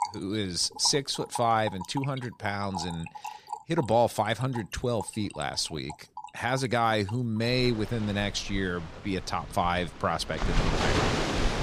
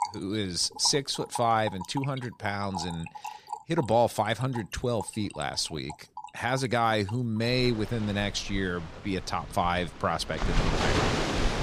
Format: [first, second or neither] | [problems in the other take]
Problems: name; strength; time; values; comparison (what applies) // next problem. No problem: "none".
neither | rain or running water; loud; throughout; 7 dB below the speech; the same in both